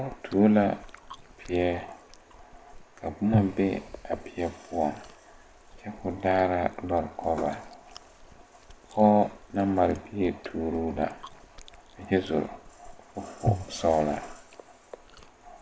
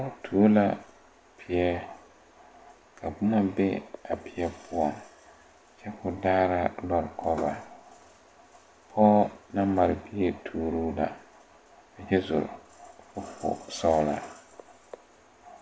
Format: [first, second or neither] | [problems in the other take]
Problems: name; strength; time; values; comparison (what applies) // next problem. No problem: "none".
second | background sound (Chewing, mastication); 12 dB below the speech